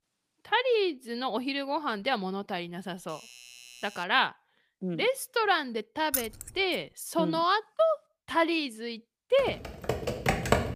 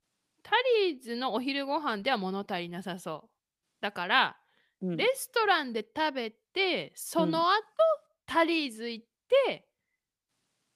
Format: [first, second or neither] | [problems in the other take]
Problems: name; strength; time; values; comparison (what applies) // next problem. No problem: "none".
second | doorbell; faint; from 3 to 4 s; peak 15 dB below the speech // jangling keys; noticeable; at 6 s; peak 2 dB below the speech // keyboard typing; loud; from 9.5 s on; peak 3 dB above the speech